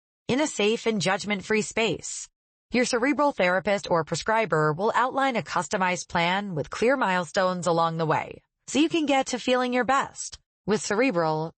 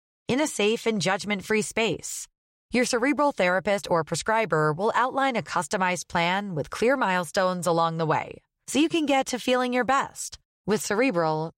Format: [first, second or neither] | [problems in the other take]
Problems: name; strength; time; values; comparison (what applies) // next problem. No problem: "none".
second | garbled, watery; slightly; nothing above 8 kHz